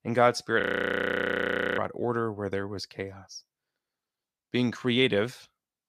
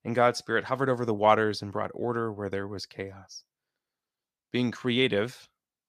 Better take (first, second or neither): second